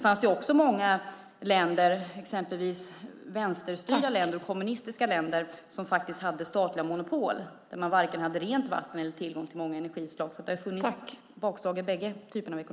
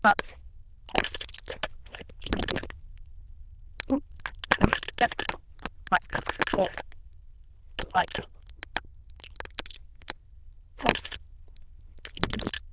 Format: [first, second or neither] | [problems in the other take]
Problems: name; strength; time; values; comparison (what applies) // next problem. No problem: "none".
first | noise reduction (neural diffusion model UNIVERSE++)